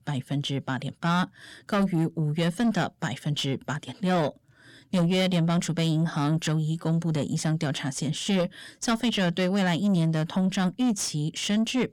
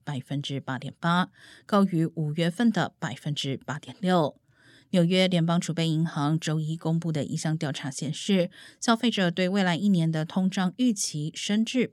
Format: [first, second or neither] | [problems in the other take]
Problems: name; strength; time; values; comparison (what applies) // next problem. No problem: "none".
second | distortion; slight; 10 dB below the speech